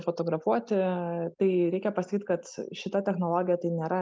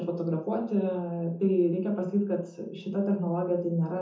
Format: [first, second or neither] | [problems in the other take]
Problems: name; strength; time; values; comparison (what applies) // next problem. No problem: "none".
first | room echo; dies away in 0.5 s